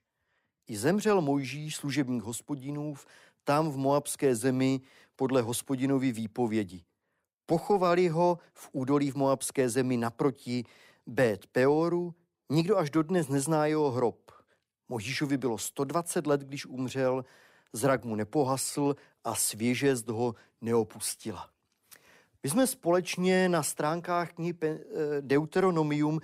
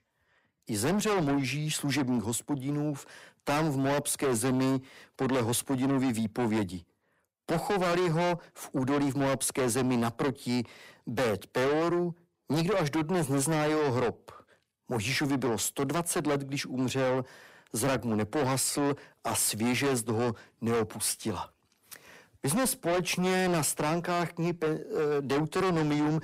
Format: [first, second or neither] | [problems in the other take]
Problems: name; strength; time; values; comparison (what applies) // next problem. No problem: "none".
first | distortion; heavy; 6 dB below the speech